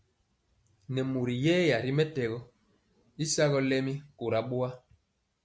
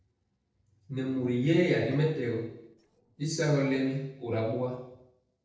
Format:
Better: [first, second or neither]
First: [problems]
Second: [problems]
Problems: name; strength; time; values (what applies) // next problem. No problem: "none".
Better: first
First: none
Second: noise reduction (neural separator model SepFormer DNS4)